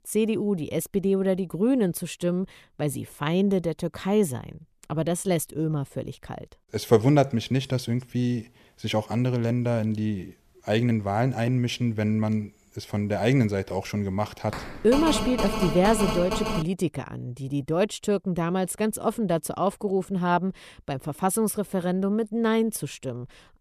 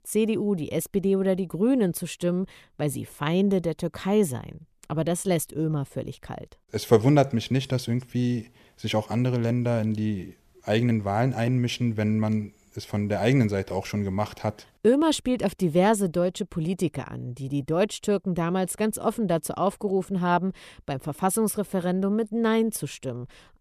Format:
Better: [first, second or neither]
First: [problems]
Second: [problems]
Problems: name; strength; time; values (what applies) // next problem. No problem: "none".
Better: second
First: phone ringing; noticeable; from 15 to 17 s; peak 2 dB below the speech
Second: none